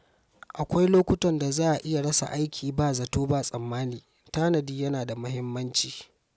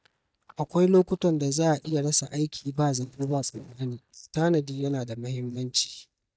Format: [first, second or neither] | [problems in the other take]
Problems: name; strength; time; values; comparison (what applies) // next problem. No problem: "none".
first | noise reduction (neural mask model DeepFilterNet 3)